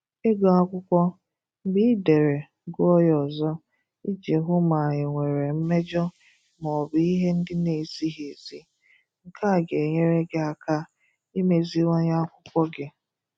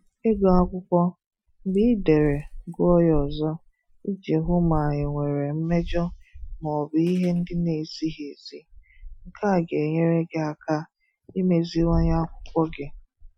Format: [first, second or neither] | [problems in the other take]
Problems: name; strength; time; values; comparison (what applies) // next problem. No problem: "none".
first | noise reduction (classical method Wiener filter)